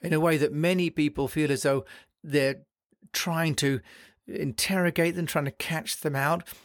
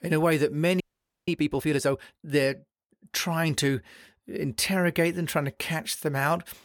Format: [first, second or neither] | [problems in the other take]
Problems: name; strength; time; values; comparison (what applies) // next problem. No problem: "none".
first | audio freezing; at 1 s